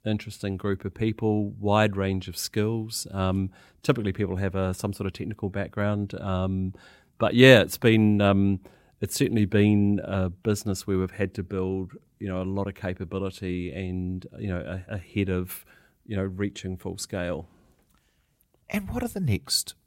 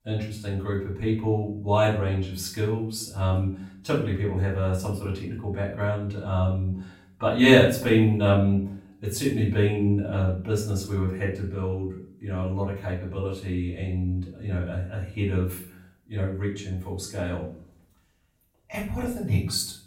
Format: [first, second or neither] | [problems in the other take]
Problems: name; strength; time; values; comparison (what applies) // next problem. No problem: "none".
first | off-mic speech; far // room echo; noticeable; dies away in 0.4 s